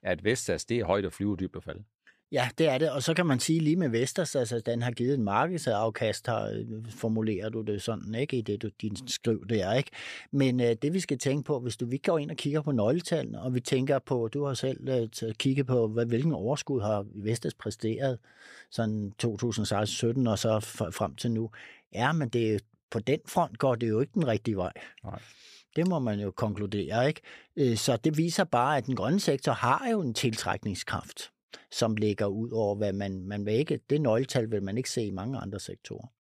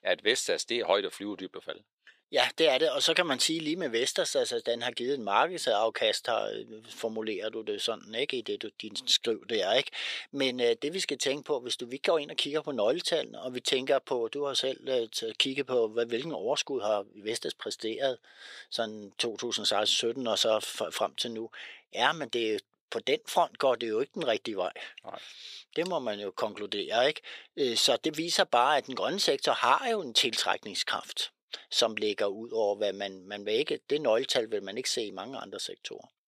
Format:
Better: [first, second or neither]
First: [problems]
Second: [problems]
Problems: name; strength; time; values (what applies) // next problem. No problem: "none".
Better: first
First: none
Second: thin; somewhat; fading below 500 Hz